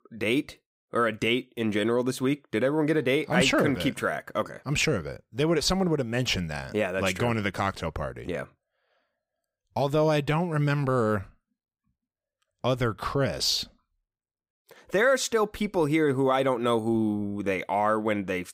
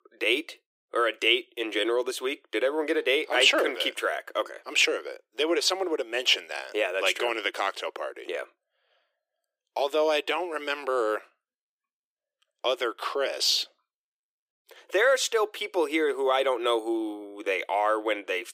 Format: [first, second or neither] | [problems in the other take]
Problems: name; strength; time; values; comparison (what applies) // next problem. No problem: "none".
first | thin; very; fading below 350 Hz